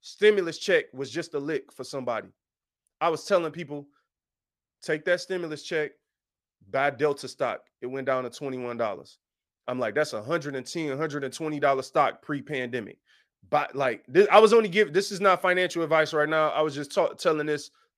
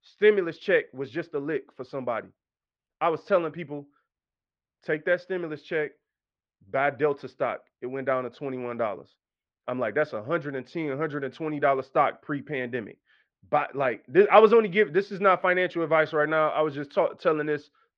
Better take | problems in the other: first | muffled; very; fading above 3 kHz

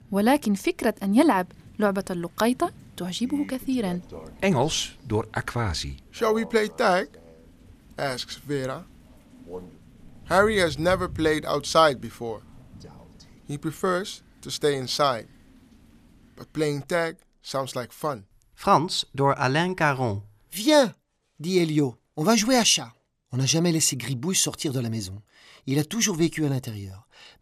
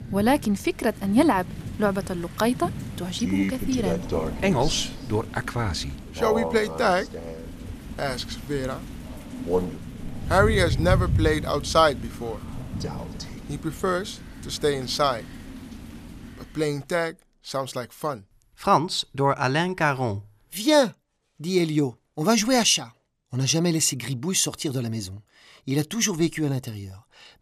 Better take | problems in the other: first | animal sounds; loud; until 17 s; 8 dB below the speech; faint in the first

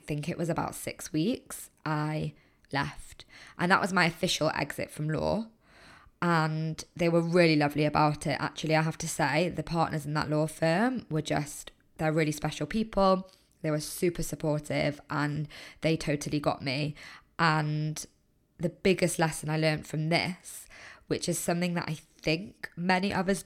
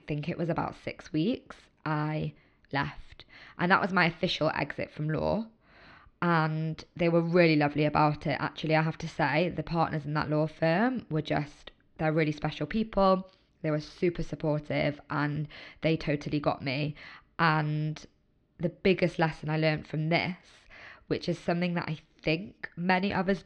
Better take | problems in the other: first | muffled; very slightly; fading above 4 kHz

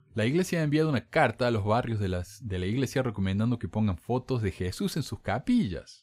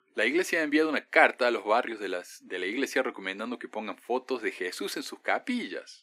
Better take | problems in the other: first | thin; somewhat; fading below 300 Hz

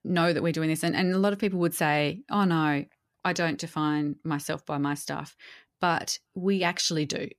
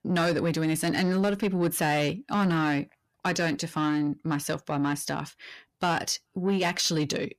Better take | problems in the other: first | distortion; slight; 10 dB below the speech

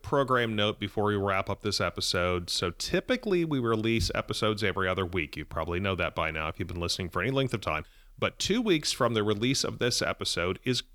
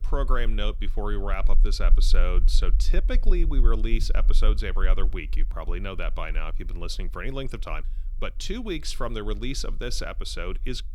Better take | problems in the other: first | low rumble; faint; throughout; 20 dB below the speech

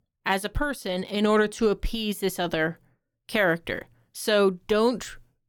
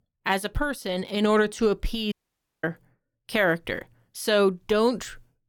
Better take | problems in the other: first | audio cutting out; at 2 s for 0.5 s

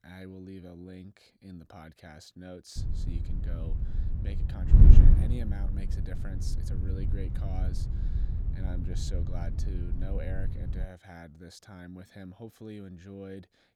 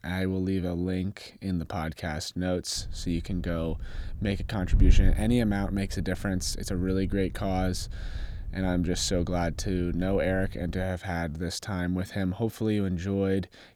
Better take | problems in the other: second | wind noise on the microphone; heavy; from 3 to 11 s; 2 dB above the speech; occasional gusts in the second

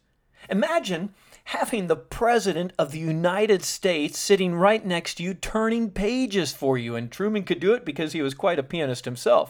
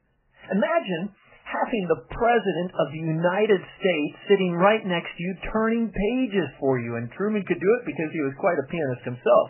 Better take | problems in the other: first | garbled, watery; badly; nothing above 3 kHz

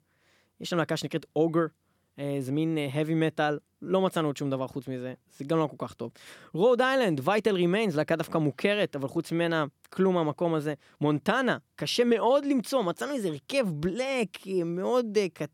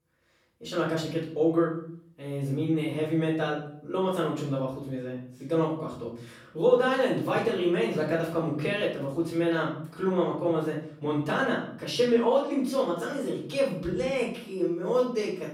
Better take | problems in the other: first | room echo; noticeable; dies away in 0.6 s // off-mic speech; far

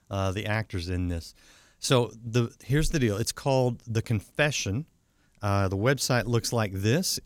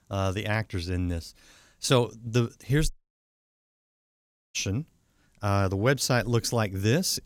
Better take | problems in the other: first | audio cutting out; at 3 s for 1.5 s

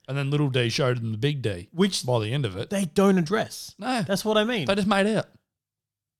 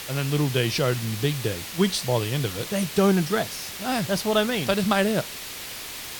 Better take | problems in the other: first | hiss; loud; throughout; 9 dB below the speech

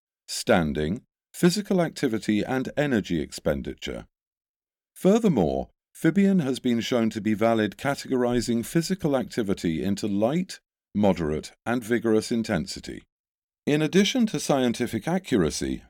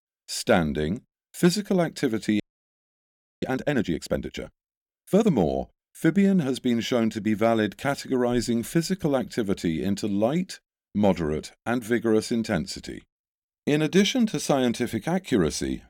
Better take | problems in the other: first | audio freezing; at 2.5 s for 1 s

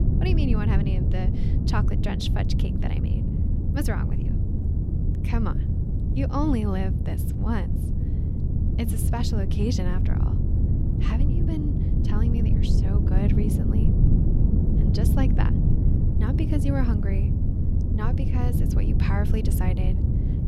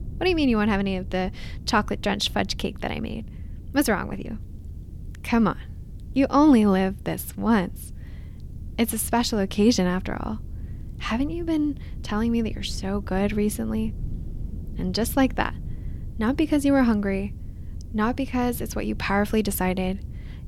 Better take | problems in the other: second | low rumble; loud; throughout; 1 dB below the speech; faint in the second

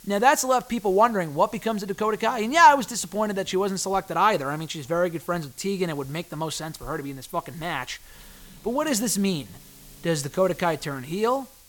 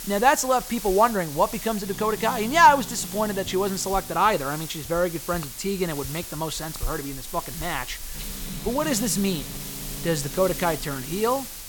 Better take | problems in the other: first | hiss; loud; throughout; 10 dB below the speech; faint in the first

